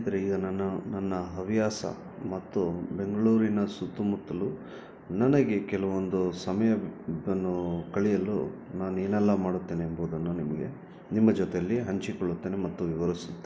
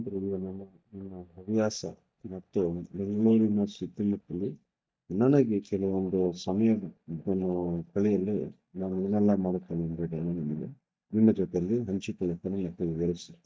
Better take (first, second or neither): first